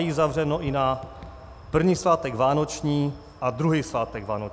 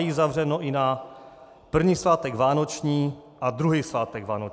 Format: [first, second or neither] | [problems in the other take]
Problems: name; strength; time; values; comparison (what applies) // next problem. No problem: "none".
second | background sound (Raindrop / Drip + Wind); 19 dB below the speech